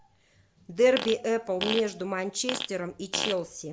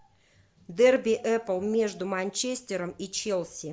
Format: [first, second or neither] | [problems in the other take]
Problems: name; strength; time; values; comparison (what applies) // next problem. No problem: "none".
second | background sound (Fart); 7 dB below the speech